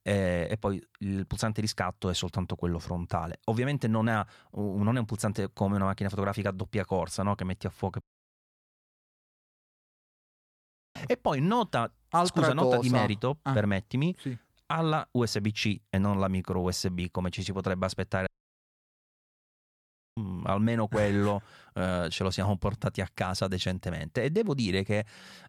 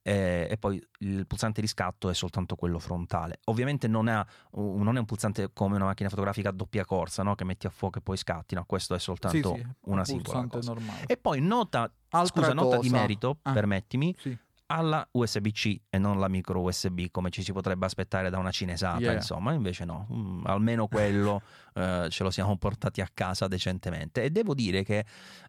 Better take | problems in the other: second | audio cutting out; at 8 s for 3 s and at 18 s for 2 s

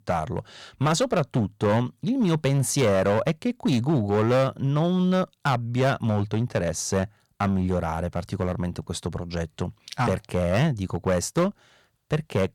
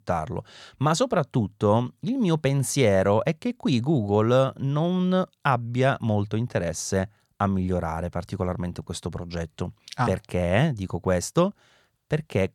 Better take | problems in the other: second | distortion; slight; 7% of the sound clipped

